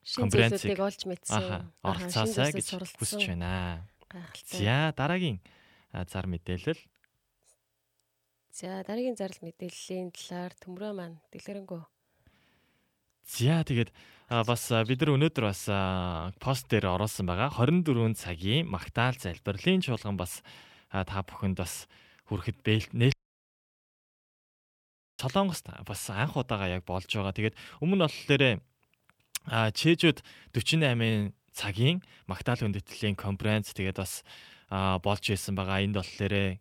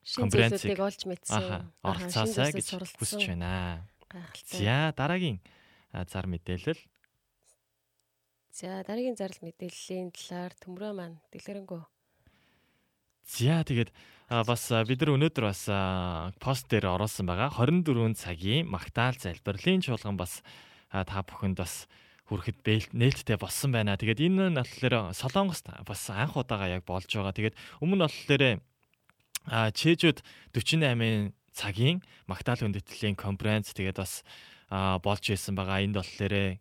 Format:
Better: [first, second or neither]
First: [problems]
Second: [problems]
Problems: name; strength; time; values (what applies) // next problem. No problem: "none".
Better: second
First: audio cutting out; at 23 s for 2 s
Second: none